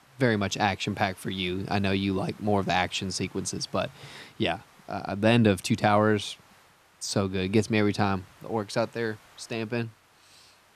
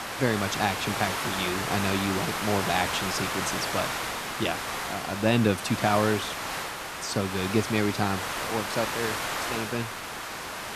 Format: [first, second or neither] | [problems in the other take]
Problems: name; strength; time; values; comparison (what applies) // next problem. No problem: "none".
first | hiss; loud; throughout; 2 dB below the speech; faint in the first